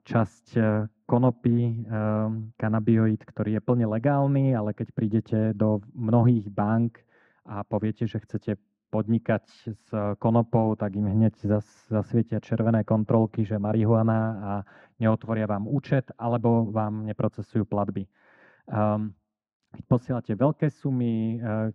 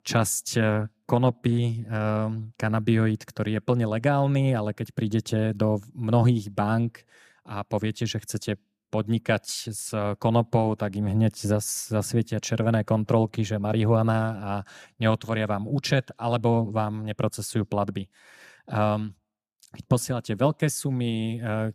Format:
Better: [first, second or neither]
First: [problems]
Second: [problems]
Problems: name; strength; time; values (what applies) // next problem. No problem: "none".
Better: second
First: muffled; very; fading above 1.5 kHz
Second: none